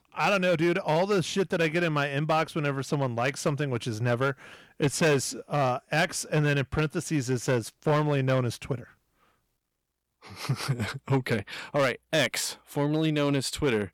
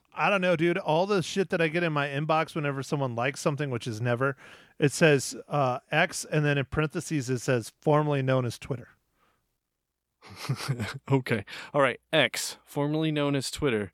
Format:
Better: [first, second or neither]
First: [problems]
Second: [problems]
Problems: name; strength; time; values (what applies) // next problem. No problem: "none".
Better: second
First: distortion; slight; 6% of the sound clipped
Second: none